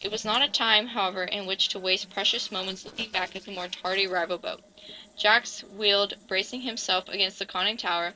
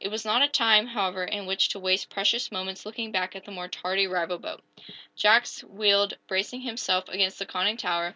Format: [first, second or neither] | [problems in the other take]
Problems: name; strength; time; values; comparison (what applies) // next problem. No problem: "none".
second | noise reduction (neural separator model SepFormer DNS4)